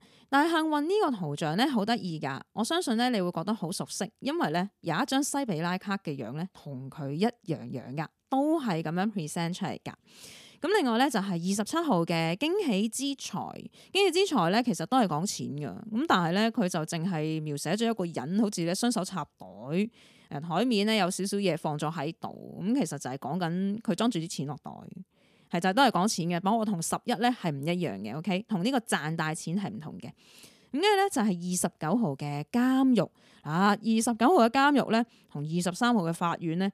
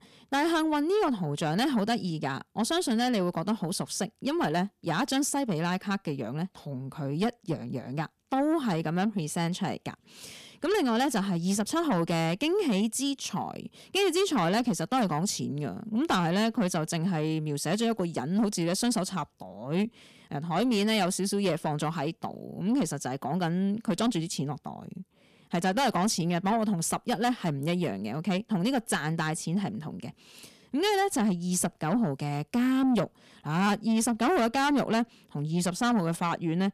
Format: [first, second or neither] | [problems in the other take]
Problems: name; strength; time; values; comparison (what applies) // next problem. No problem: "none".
first | distortion; slight; 10 dB below the speech